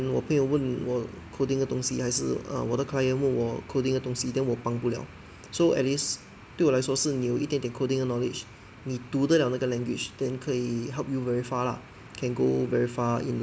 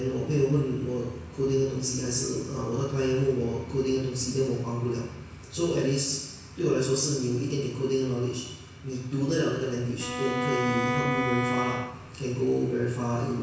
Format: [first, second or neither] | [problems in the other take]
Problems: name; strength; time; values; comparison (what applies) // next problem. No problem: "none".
first | background sound (Bowed string instrument); 2 dB below the speech // room echo; dies away in 1.1 s